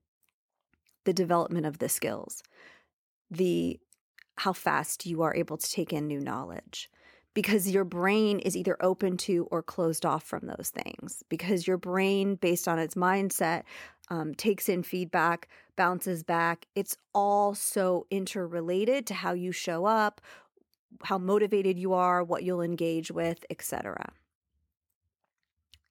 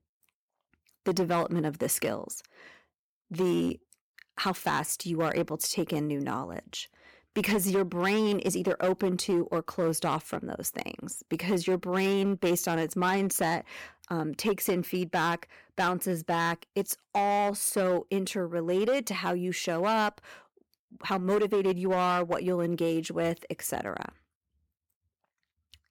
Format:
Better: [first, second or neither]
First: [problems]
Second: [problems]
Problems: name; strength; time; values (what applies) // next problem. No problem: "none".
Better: first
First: none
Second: distortion; slight; 6% of the sound clipped